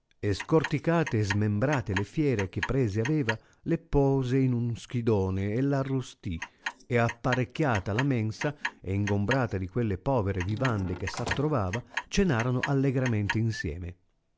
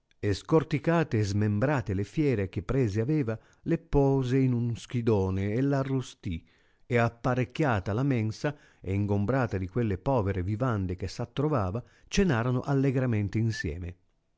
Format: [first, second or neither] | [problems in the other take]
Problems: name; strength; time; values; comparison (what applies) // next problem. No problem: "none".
second | background sound (Squeak / Slam / Wood + Clock); 10 dB below the speech